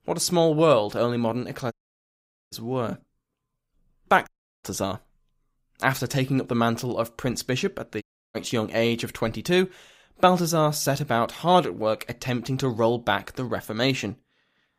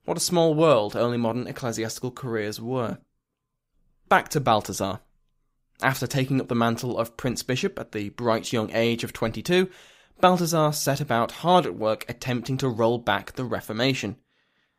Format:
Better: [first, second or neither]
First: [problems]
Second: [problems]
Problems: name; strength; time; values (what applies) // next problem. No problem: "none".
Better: second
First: audio cutting out; at 1.5 s for 1 s, at 4.5 s and at 8 s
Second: none